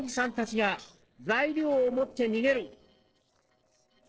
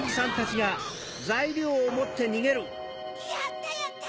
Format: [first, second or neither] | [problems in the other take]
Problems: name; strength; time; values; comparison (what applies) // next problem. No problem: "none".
second | noise reduction (neural separator model SepFormer DNS4)